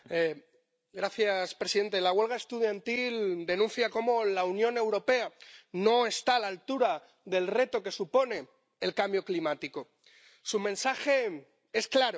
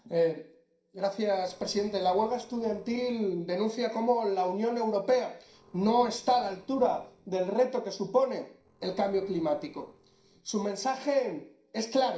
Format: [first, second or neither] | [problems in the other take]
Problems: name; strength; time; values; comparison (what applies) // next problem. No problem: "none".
first | noise reduction (neural separator model SepFormer DNS4)